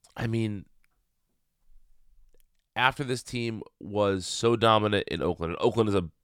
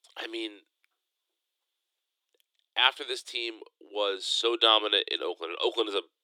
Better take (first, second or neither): first